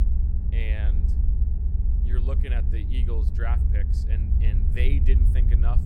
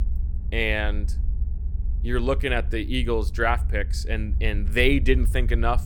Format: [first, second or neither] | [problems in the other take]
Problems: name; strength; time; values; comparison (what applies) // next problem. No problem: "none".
second | low rumble; loud; throughout; 3 dB below the speech; faint in the second